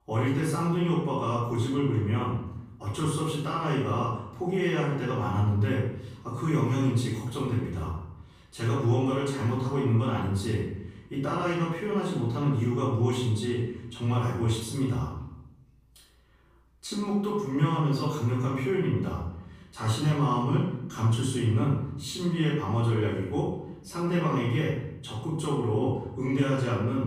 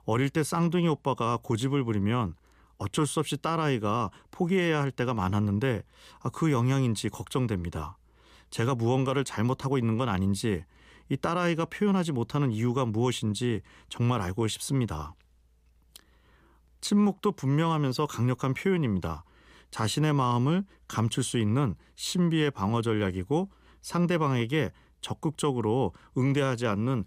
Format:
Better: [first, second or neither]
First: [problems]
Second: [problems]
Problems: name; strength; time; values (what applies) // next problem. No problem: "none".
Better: second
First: off-mic speech; far // room echo; noticeable; dies away in 0.7 s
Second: none